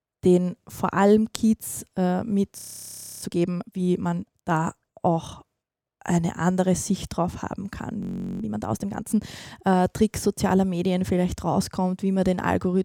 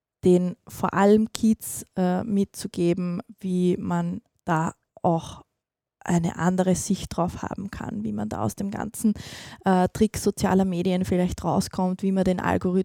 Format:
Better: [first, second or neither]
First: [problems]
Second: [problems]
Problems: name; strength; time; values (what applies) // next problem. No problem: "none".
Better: second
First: audio freezing; at 2.5 s for 0.5 s and at 8 s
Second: none